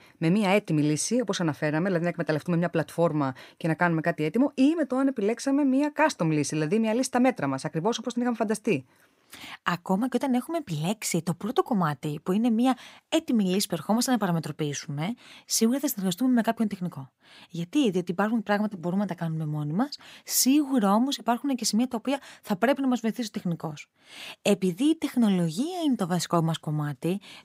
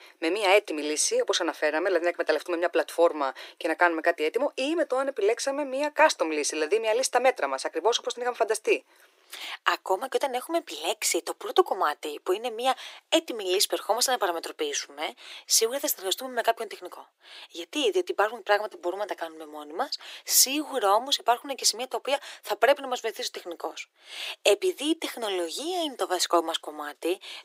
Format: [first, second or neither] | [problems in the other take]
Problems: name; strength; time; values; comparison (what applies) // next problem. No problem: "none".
first | thin; very; fading below 350 Hz